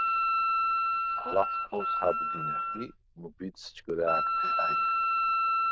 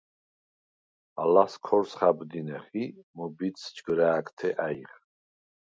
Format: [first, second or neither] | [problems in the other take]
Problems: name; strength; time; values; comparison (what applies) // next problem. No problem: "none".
second | noise reduction (neural diffusion model UNIVERSE++)